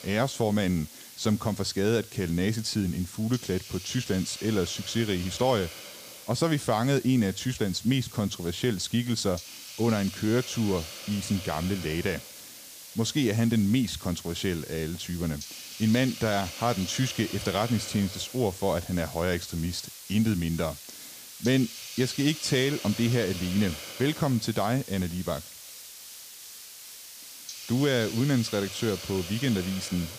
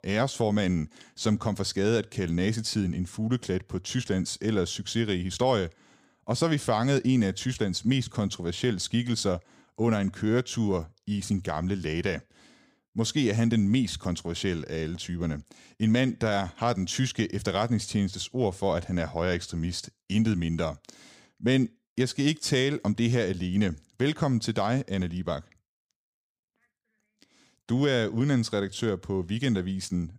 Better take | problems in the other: second | hiss; noticeable; throughout; 10 dB below the speech

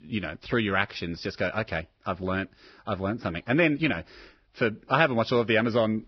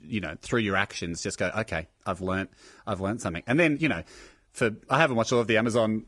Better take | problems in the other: second | garbled, watery; badly; nothing above 5.5 kHz; slightly in the second

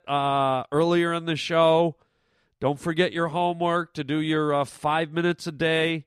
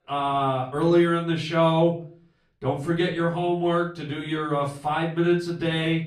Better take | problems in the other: first | room echo; slight; dies away in 0.4 s // off-mic speech; far

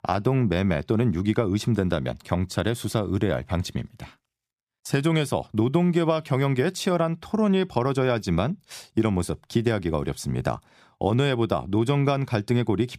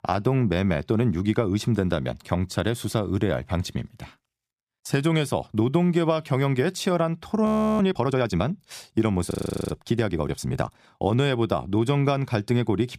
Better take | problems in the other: first | audio freezing; at 7.5 s and at 9.5 s

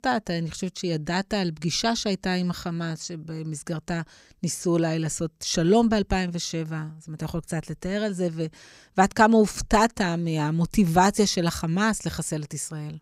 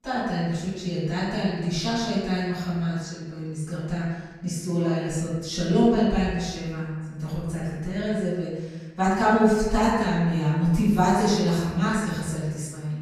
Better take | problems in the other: first | off-mic speech; far // room echo; strong; dies away in 1.2 s

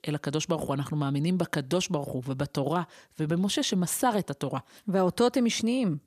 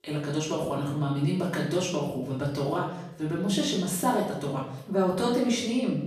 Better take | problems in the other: first | off-mic speech; far // room echo; noticeable; dies away in 0.7 s

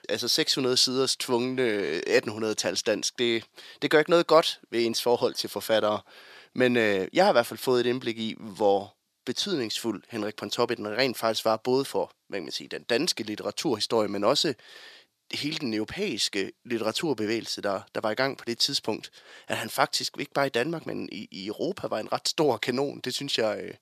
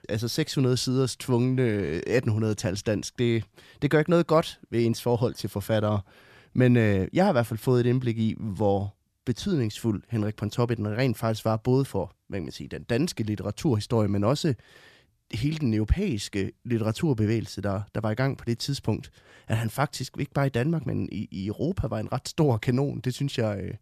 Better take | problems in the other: second | thin; somewhat; fading below 400 Hz

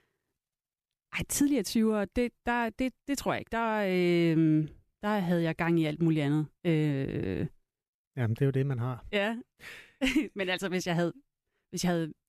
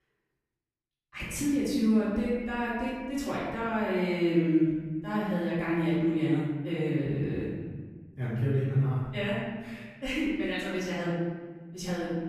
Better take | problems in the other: first | off-mic speech; far // room echo; strong; dies away in 1.4 s

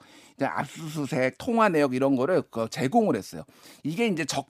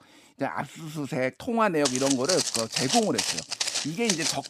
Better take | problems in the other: first | footsteps; loud; from 2 s on; peak 3 dB above the speech

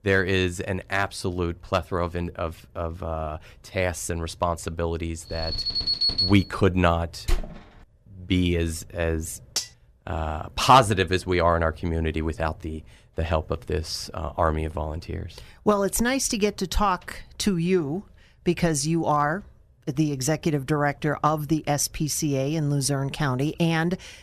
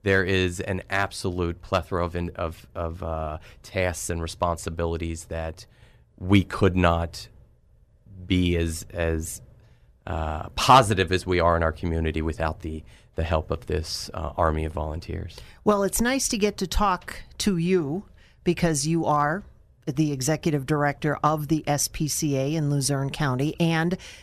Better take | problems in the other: second | alarm; loud; from 5.5 to 6.5 s; peak 5 dB above the speech // door banging; noticeable; at 7.5 s; peak 6 dB below the speech // clattering dishes; noticeable; at 9.5 s; peak 4 dB below the speech

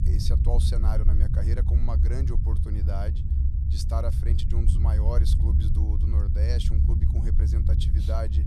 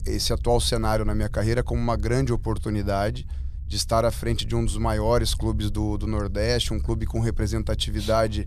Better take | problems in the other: second | low rumble; loud; throughout; 2 dB below the speech; faint in the second

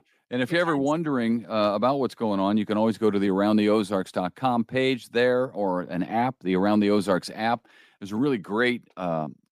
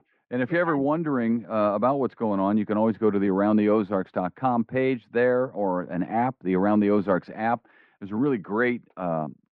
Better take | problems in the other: first | muffled; very; fading above 2 kHz

